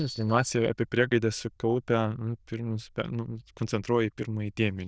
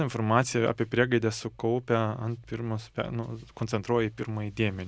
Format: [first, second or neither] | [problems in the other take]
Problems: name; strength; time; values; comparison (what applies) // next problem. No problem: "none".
second | noise reduction (neural diffusion model UNIVERSE++)